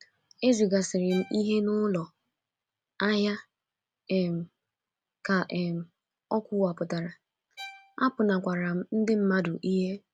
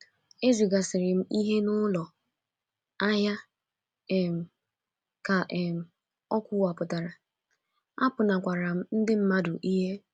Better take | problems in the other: second | background sound (Bowed string instrument); 20 dB below the speech

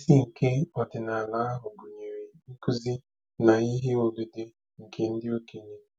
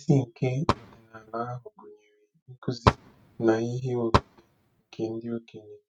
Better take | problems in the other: first | noise reduction (neural mask model RNNoise)

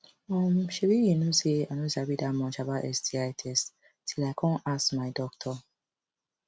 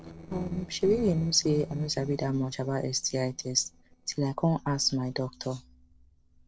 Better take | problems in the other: first | noise reduction (neural separator model SepFormer DNS4)

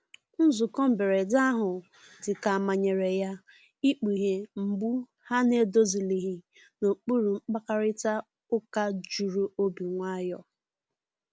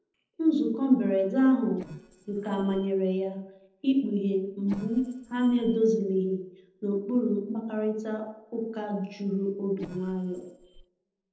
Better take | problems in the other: first | noise reduction (neural separator model SepFormer DNS4)

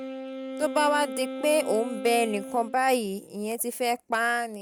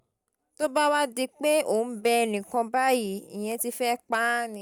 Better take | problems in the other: second | background sound (Wind instrument, woodwind instrument); 11 dB below the speech

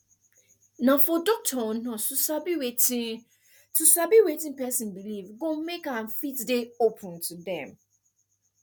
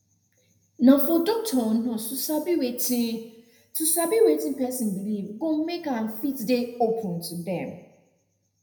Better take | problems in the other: first | room echo; dies away in 0.8 s

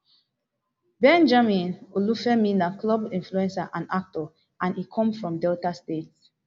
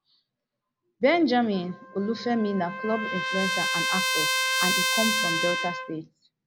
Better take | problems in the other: first | background sound (Trumpet); as loud as the speech

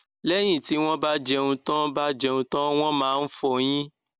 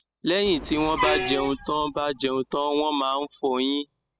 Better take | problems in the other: first | noise reduction (classical method spectral subtraction)

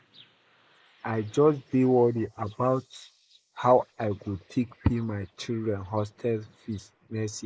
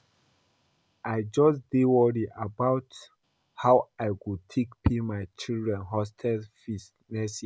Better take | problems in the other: second | noise reduction (neural mask model Resemble Enhance denoiser)

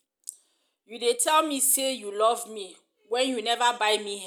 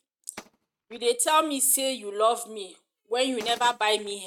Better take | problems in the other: first | noise reduction (neural mask model RNNoise)

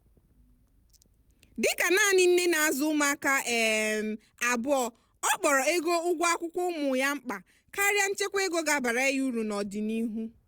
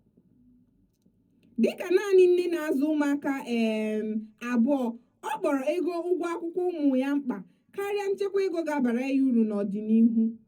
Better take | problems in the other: first | room echo; dies away in 0.4 s

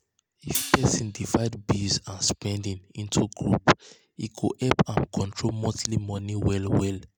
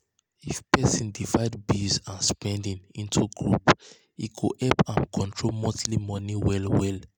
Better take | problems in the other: second | background sound (Hi-hat); 11 dB below the speech

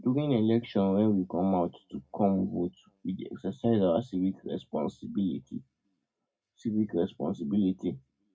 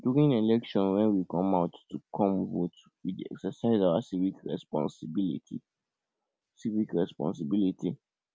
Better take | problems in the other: second | room echo; dies away in 0.2 s

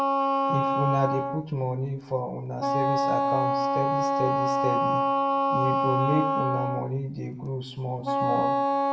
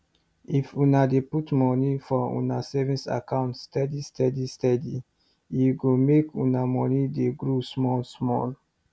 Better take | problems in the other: second | background sound (Wind instrument, woodwind instrument); 5 dB above the speech // room echo; dies away in 0.6 s

